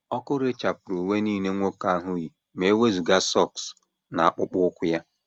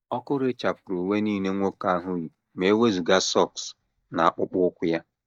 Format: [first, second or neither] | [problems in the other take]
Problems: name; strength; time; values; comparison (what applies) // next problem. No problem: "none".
first | noise reduction (neural mask model DeepFilterNet 3)